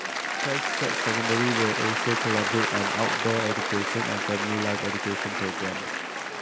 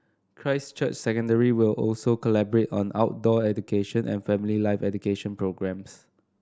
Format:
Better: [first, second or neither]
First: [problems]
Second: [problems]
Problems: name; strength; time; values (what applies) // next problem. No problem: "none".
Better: second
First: background sound (Applause / Cheering); 2 dB above the speech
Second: none